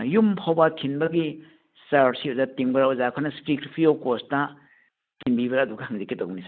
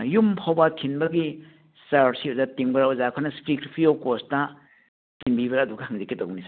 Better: second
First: noise reduction (neural mask model Resemble Enhance denoiser)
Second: none

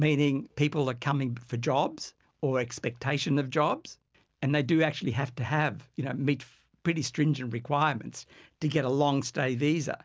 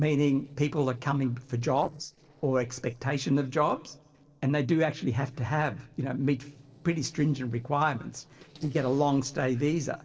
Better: first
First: none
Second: noise reduction (neural separator model SepFormer DNS4)

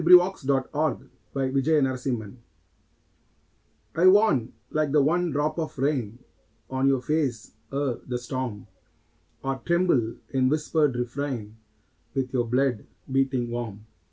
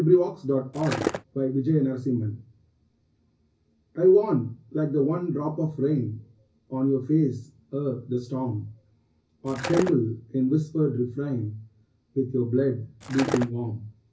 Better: first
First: none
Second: background sound (Skateboard); 3 dB below the speech // room echo; dies away in 0.4 s

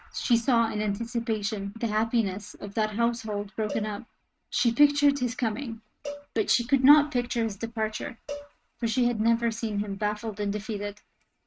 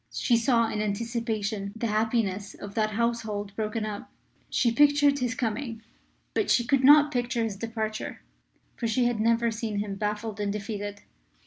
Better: second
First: noise reduction (neural mask model RNNoise)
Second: none

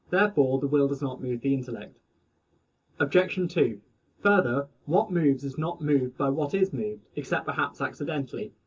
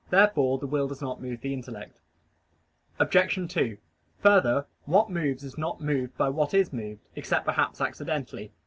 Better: second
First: room echo; dies away in 0.2 s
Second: none

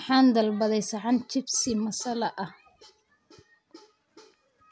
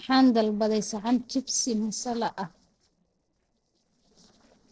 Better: first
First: none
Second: noise reduction (neural separator model SepFormer DNS4)

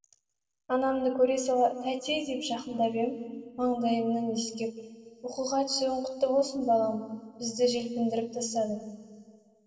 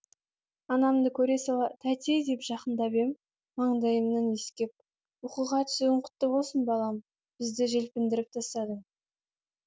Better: second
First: room echo; dies away in 1.9 s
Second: none

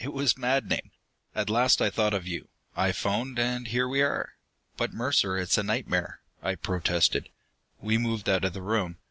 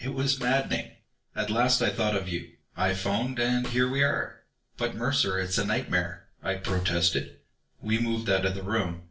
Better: first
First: none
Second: noise reduction (neural separator model SepFormer DNS4)

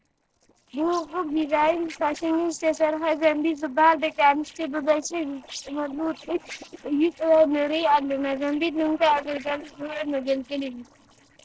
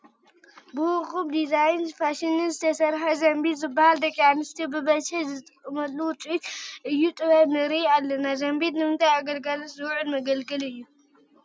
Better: second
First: noise reduction (neural separator model SepFormer DNS4)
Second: none

